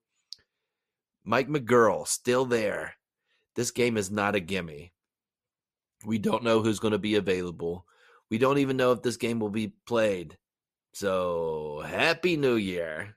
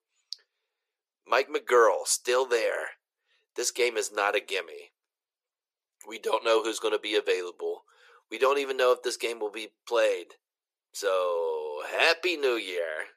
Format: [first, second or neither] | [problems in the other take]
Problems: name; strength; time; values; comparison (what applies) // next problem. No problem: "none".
first | thin; very; fading below 400 Hz